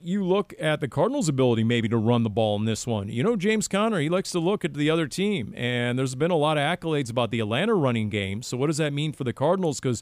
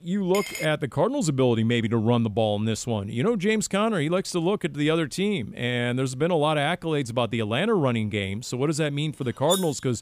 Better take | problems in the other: first | clattering dishes; noticeable; at 0.5 s and at 9.5 s; peak 4 dB below the speech

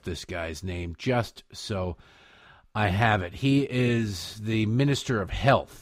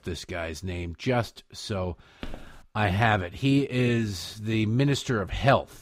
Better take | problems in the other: first | footsteps; faint; at 2 s; peak 15 dB below the speech

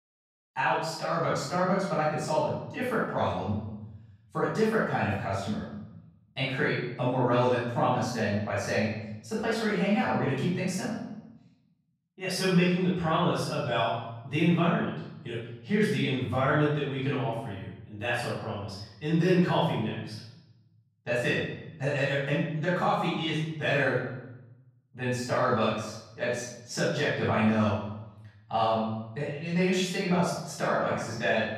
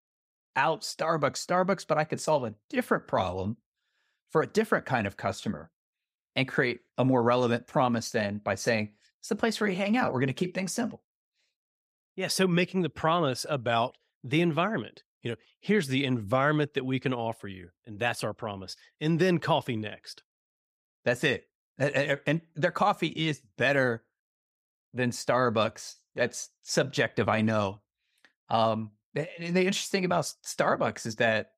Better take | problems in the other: second | off-mic speech; far // room echo; noticeable; dies away in 0.9 s

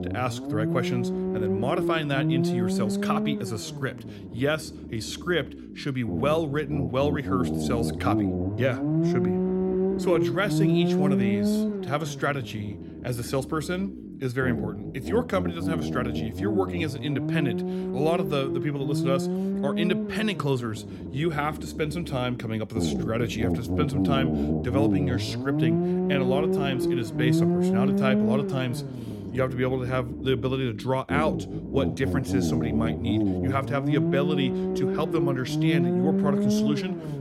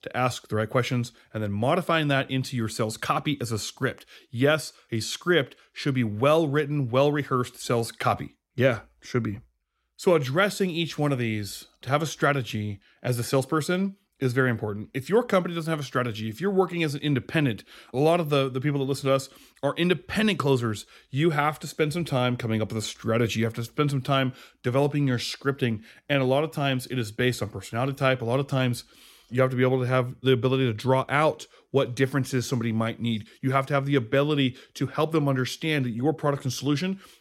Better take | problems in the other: second | low rumble; loud; throughout; 2 dB below the speech

